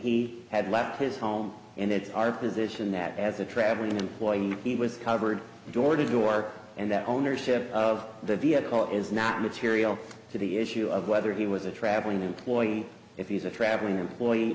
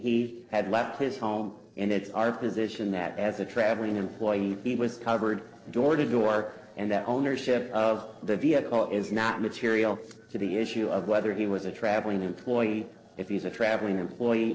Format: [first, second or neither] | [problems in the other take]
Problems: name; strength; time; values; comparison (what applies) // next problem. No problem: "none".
first | noise reduction (neural separator model SepFormer DNS4)